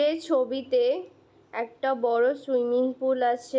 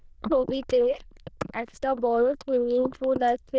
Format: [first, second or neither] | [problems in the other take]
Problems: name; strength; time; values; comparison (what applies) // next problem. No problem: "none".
first | noise reduction (neural diffusion model UNIVERSE++)